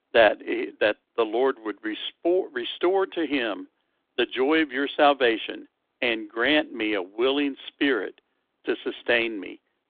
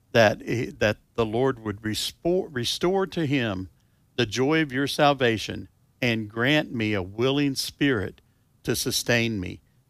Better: second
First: phone-call audio; nothing above 3.5 kHz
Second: none

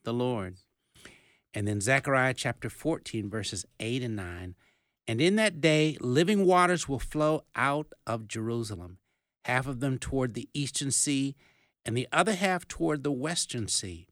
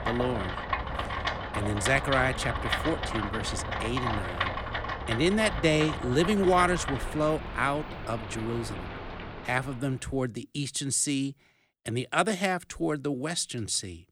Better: first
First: none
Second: rain or running water; loud; until 9.5 s; 5 dB below the speech

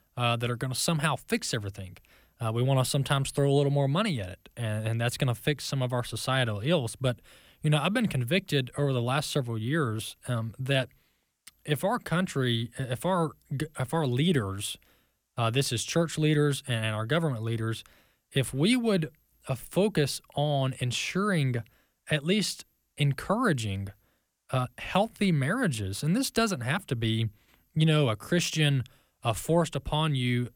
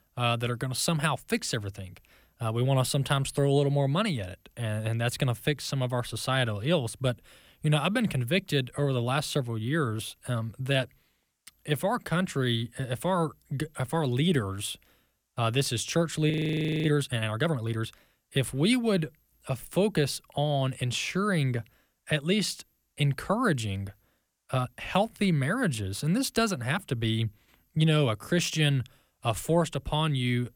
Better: first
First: none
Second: audio freezing; at 16 s for 0.5 s

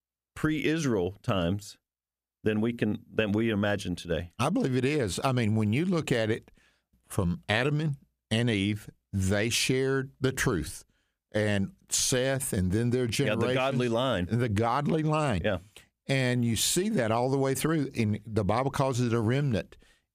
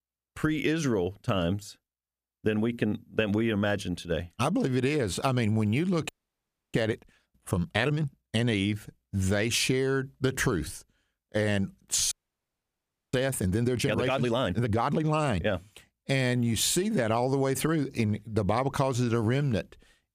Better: first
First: none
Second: audio freezing; at 6 s for 0.5 s and at 12 s for 1 s

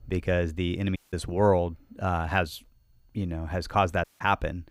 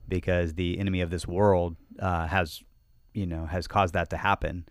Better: second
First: audio cutting out; at 1 s and at 4 s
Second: none

